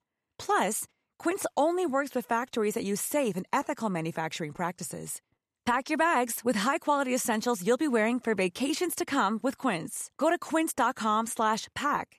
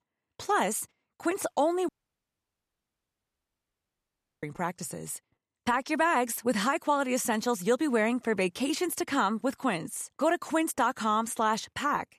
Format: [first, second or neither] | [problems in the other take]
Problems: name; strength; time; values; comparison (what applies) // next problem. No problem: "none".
first | audio cutting out; at 2 s for 2.5 s